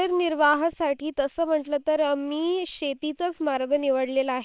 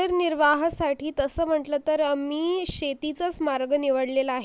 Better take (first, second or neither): second